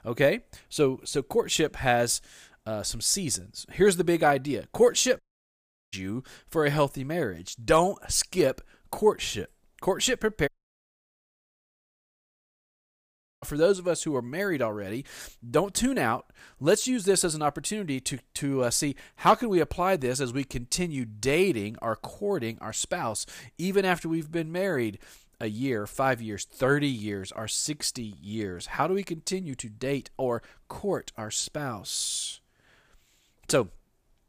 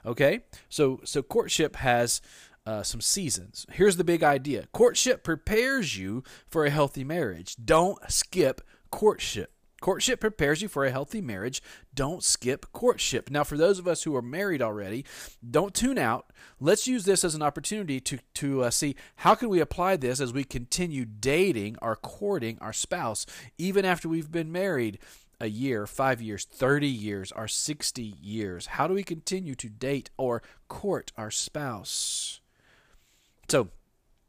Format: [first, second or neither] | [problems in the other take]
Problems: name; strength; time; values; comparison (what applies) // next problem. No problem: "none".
second | audio cutting out; at 5 s for 0.5 s and at 10 s for 3 s